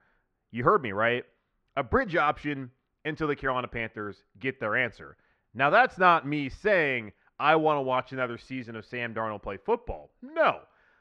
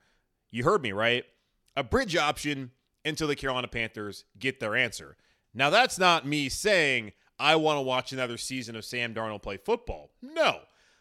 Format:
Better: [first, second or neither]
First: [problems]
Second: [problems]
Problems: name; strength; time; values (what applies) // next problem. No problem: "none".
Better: second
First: muffled; very; fading above 1.5 kHz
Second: none